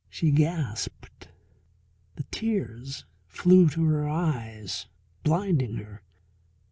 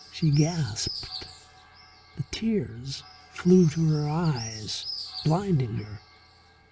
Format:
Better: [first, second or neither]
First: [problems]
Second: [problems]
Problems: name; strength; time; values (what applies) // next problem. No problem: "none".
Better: first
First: none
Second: background sound (Bird); 15 dB below the speech